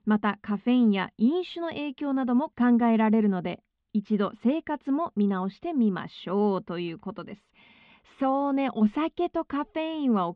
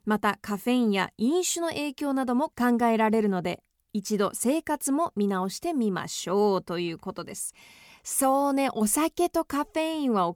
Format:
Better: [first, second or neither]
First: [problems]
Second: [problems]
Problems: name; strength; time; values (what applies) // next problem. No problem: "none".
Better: second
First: muffled; very; fading above 3.5 kHz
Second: none